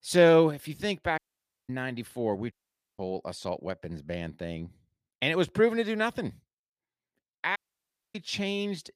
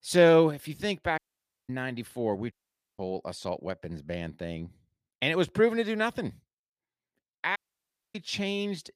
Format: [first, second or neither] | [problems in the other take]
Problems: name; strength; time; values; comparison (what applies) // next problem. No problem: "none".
neither | audio cutting out; at 1 s for 0.5 s, at 2.5 s and at 7.5 s for 0.5 s; the same in both